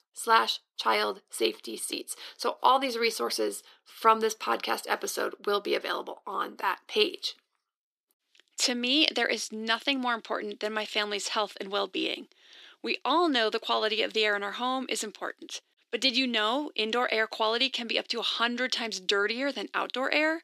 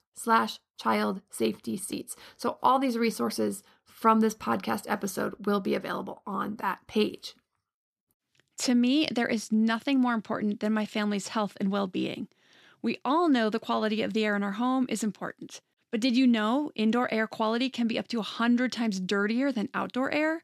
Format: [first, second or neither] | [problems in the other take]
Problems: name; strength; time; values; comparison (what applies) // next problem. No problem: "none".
second | thin; somewhat; fading below 350 Hz